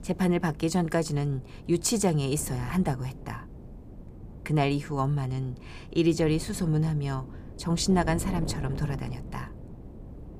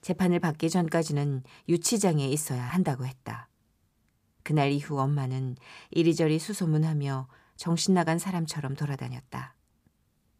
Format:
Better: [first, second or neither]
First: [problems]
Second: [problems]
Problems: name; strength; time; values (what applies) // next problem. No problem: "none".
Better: second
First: wind noise on the microphone; occasional gusts; 15 dB below the speech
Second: none